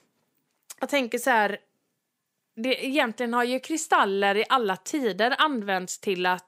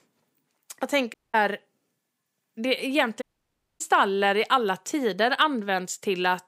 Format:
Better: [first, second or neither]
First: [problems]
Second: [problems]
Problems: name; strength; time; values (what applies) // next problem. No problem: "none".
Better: first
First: none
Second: audio cutting out; at 1 s and at 3 s for 0.5 s